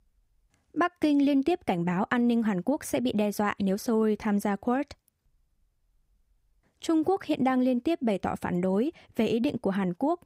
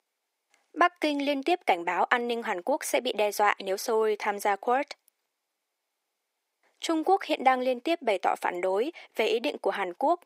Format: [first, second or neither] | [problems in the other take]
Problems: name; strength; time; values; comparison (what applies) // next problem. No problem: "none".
first | thin; very; fading below 400 Hz